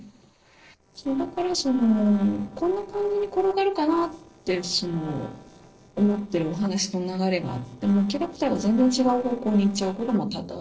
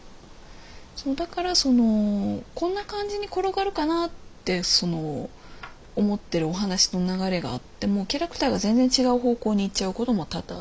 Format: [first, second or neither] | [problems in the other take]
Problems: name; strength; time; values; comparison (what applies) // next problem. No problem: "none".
second | noise reduction (neural separator model SepFormer DNS4)